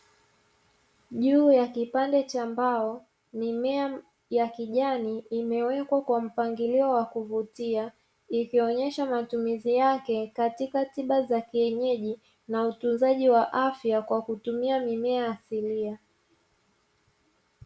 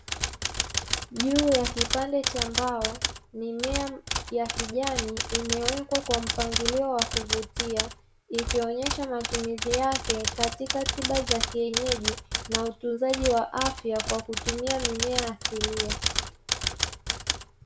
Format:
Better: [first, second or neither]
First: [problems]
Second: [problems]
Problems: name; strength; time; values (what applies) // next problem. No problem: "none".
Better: first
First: none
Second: background sound (Typewriter); 1 dB below the speech